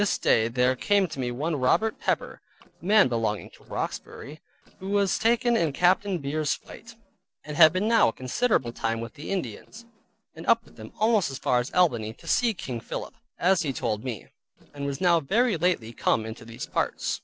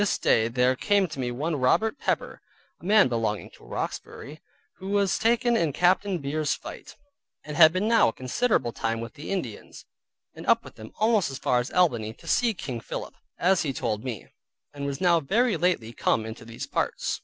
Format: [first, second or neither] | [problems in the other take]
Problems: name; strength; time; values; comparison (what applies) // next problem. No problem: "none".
second | noise reduction (neural separator model SepFormer DNS4)